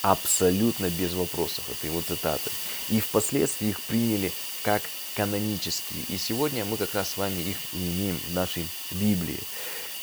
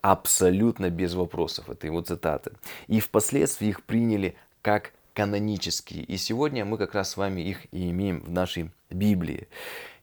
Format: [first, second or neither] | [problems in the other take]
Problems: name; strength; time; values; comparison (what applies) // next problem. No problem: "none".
second | hiss; loud; throughout; 3 dB below the speech